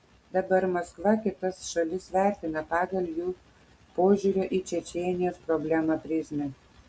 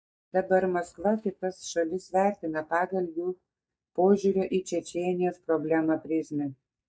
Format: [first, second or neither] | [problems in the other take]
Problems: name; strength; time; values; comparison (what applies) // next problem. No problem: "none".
first | noise reduction (neural mask model DeepFilterNet 3)